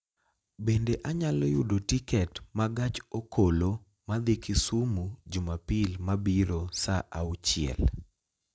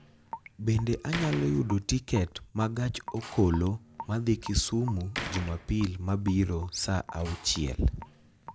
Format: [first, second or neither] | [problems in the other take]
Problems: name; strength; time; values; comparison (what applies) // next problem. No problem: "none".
first | background sound (Slam + Raindrop / Drip); 14 dB below the speech